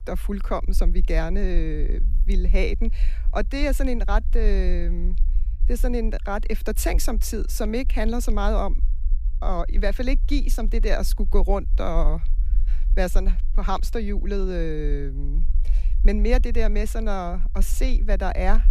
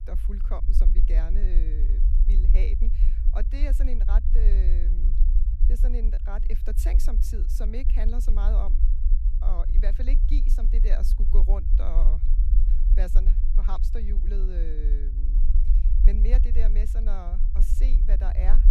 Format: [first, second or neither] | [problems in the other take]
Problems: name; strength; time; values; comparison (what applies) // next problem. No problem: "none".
first | low rumble; loud; throughout; 6 dB below the speech; faint in the first